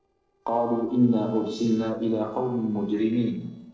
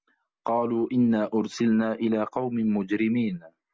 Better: second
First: noise reduction (neural separator model SepFormer DNS4)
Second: none

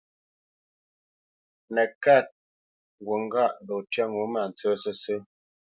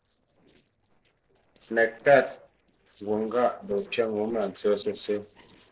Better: first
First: none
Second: noise reduction (neural separator model SepFormer DNS4)

